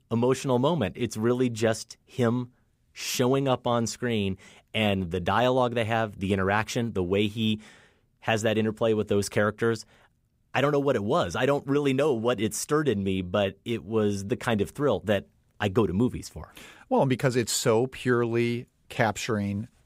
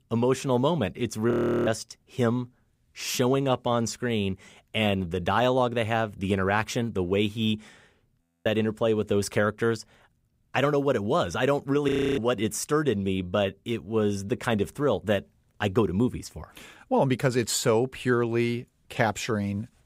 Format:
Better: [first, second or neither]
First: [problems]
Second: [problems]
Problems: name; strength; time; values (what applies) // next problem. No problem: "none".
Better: first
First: none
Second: audio freezing; at 1.5 s, at 8 s and at 12 s